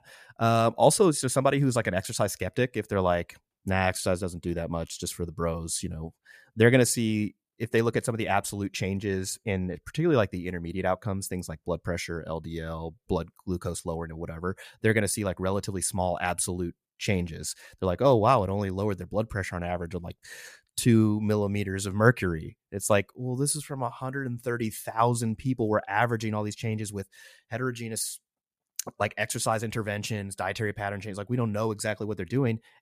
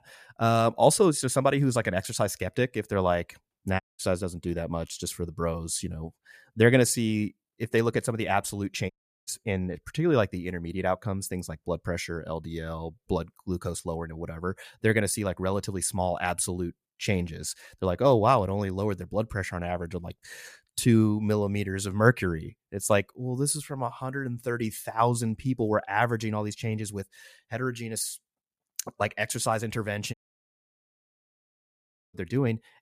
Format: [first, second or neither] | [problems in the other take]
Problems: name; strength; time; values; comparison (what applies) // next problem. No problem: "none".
first | audio cutting out; at 4 s, at 9 s and at 30 s for 2 s